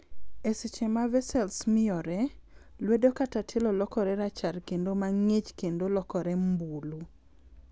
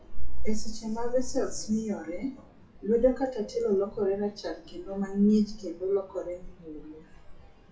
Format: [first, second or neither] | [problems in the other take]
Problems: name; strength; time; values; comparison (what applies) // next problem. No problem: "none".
first | noise reduction (classical method WPE with log-MMSE)